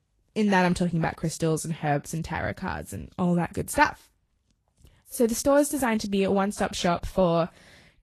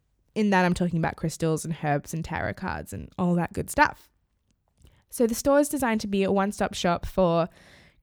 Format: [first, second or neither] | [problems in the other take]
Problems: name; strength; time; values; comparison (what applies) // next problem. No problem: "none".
second | garbled, watery; slightly; nothing above 12.5 kHz